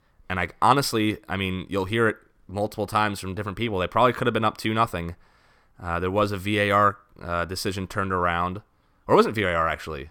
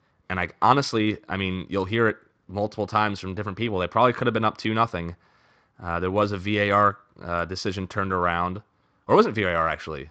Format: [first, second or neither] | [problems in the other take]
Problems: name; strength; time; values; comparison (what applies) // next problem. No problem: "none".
first | garbled, watery; slightly; nothing above 7.5 kHz